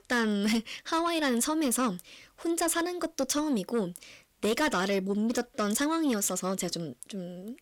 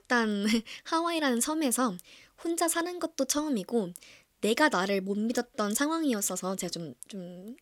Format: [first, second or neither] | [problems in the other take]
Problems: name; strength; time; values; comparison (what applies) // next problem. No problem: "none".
second | distortion; slight; 10 dB below the speech